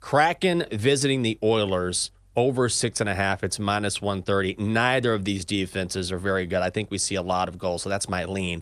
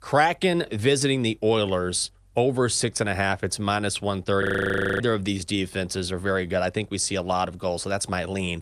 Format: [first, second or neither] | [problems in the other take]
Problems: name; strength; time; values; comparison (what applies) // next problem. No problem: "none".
first | audio freezing; at 4.5 s for 0.5 s